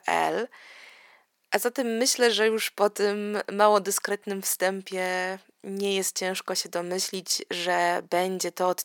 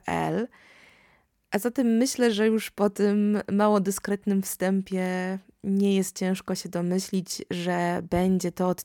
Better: second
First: thin; somewhat; fading below 500 Hz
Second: none

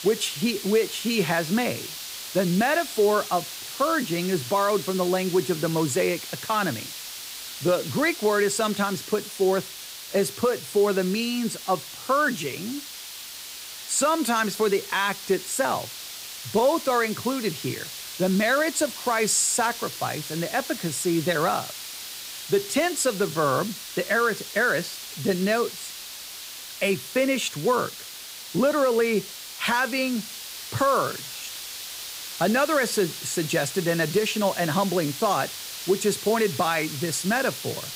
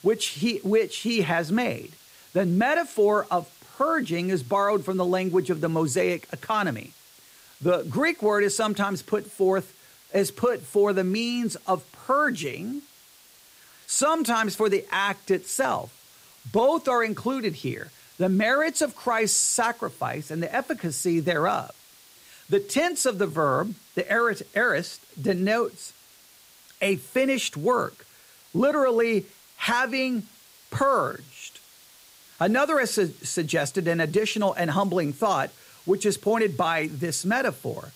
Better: second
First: hiss; loud; throughout; 10 dB below the speech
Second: hiss; faint; throughout; 25 dB below the speech

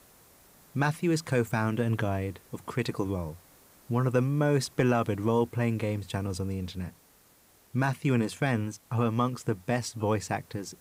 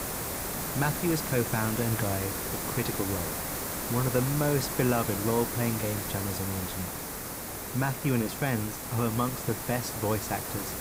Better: first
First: hiss; faint; throughout; 25 dB below the speech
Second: hiss; loud; throughout; 2 dB below the speech

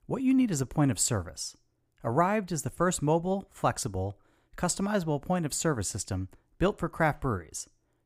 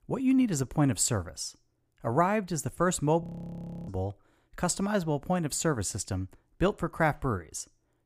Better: first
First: none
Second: audio freezing; at 3 s for 0.5 s

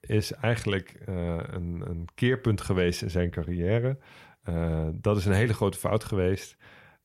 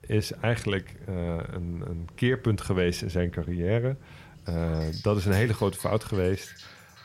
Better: first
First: none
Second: rain or running water; noticeable; throughout; 20 dB below the speech

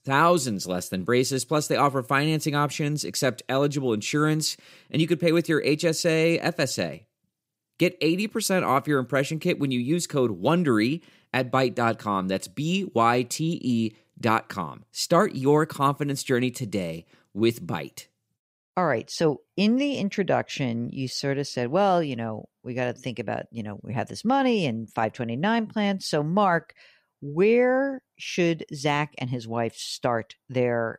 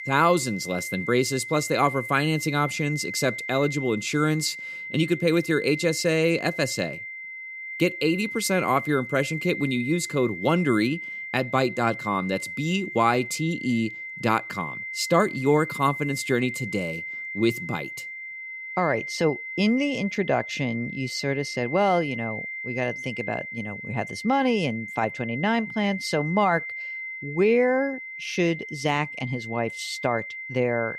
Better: first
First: none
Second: high-pitched whine; loud; throughout; 2 kHz, 8 dB below the speech

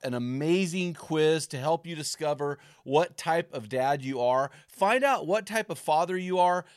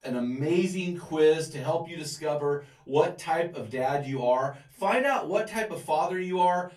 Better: first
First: none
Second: off-mic speech; far // room echo; very slight; dies away in 0.3 s

